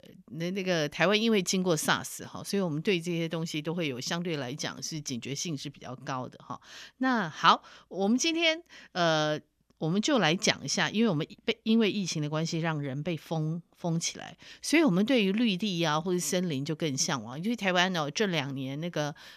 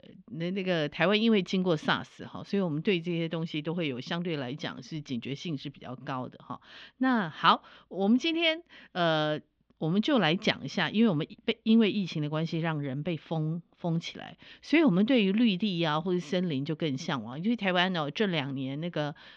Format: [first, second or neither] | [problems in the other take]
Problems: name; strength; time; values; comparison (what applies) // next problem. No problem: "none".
first | muffled; slightly; fading above 3.5 kHz